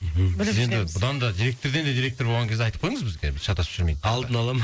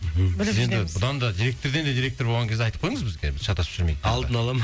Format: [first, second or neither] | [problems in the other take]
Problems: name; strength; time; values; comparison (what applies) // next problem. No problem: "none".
second | noise reduction (neural mask model Resemble Enhance denoiser)